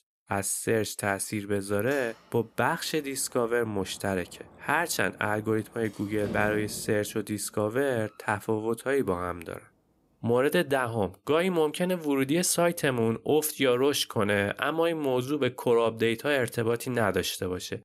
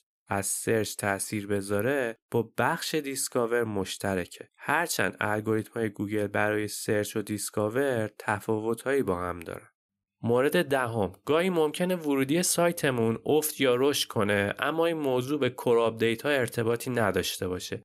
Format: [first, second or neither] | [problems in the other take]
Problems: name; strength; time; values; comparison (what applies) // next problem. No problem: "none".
second | door banging; noticeable; from 2 to 7 s; peak 9 dB below the speech